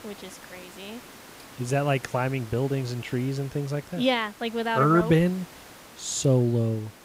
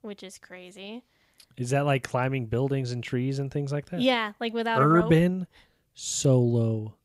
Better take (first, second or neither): second